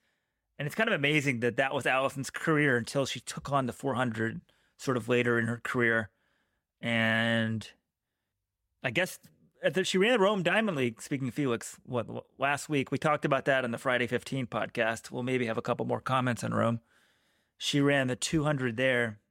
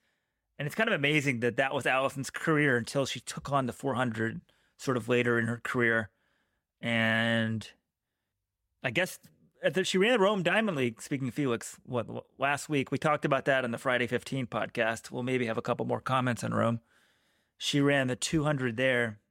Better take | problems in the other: neither | none

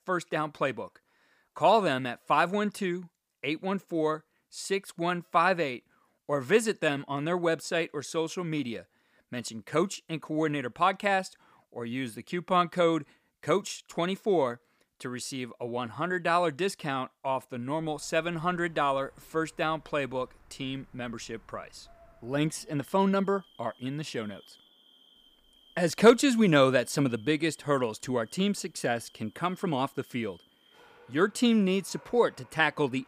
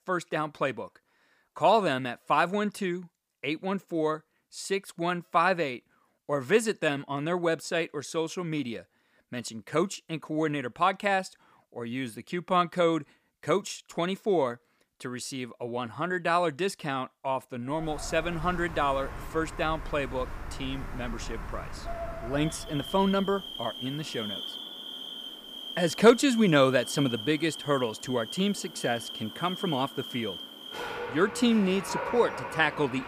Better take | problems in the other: first | animal sounds; loud; from 18 s on; 10 dB below the speech; faint in the first

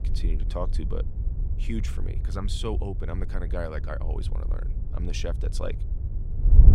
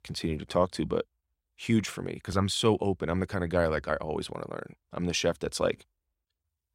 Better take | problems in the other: second | wind noise on the microphone; occasional gusts; 10 dB below the speech

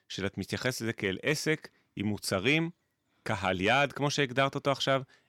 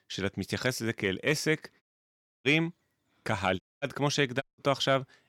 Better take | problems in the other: first | audio cutting out; at 2 s for 0.5 s, at 3.5 s and at 4.5 s

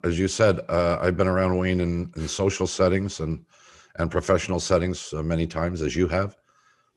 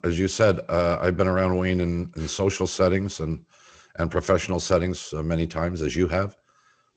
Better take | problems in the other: first | garbled, watery; slightly; nothing above 7.5 kHz

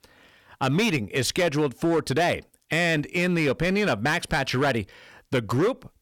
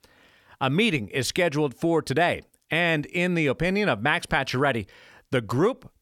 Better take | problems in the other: second | distortion; slight; 9% of the sound clipped

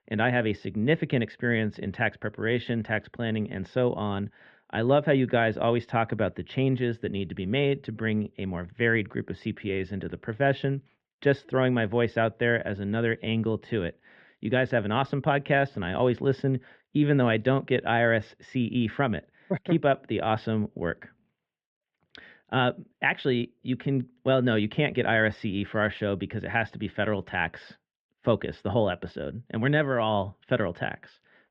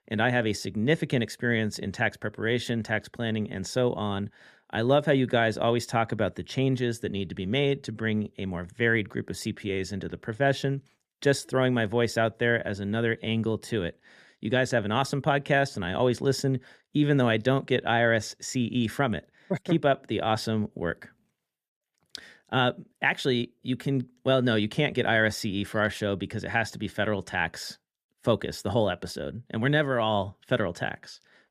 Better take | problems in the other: second | muffled; very; fading above 3 kHz

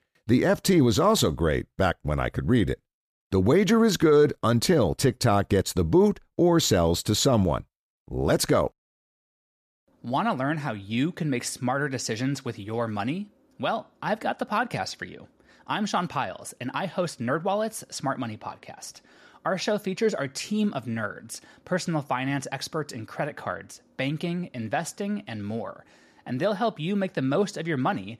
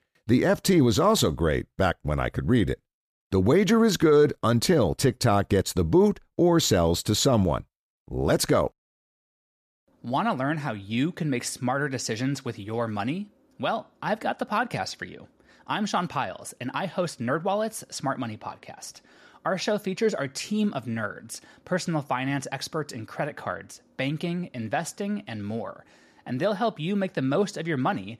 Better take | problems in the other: neither | none

